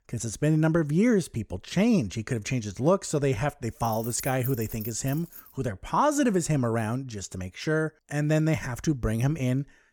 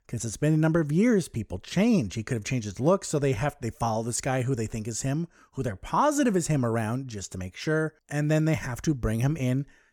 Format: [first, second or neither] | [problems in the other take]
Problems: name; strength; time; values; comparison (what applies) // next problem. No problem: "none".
second | jangling keys; noticeable; from 4 to 5.5 s; peak 9 dB below the speech